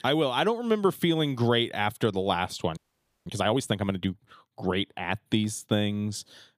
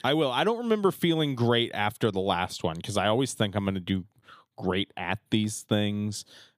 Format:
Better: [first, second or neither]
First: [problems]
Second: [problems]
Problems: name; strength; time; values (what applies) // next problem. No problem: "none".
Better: second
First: audio freezing; at 3 s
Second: none